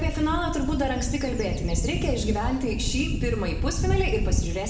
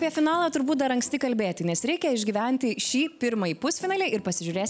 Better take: second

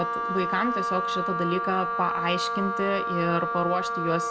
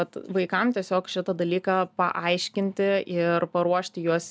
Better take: second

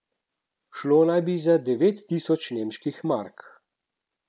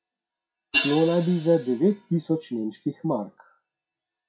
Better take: first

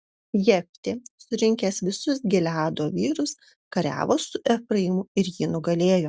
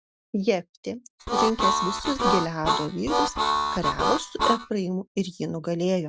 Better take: first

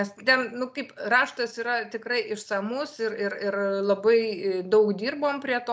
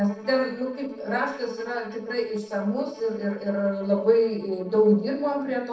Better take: first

